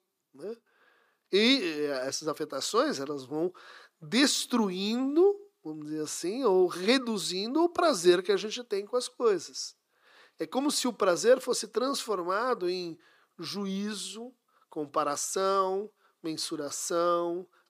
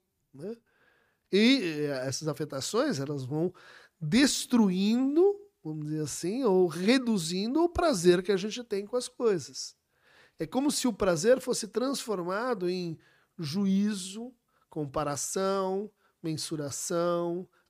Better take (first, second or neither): second